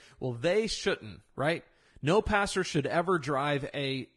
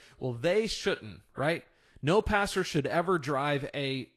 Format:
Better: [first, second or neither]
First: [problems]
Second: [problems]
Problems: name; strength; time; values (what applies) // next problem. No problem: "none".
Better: second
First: garbled, watery; badly; nothing above 10.5 kHz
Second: garbled, watery; slightly; nothing above 12.5 kHz